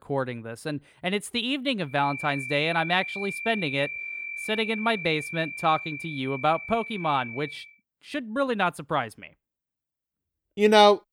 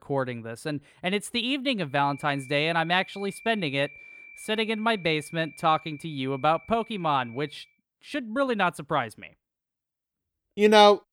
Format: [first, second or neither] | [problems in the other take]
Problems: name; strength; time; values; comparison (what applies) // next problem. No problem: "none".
second | high-pitched whine; loud; from 2 to 7.5 s; 2.5 kHz, 8 dB below the speech; faint in the second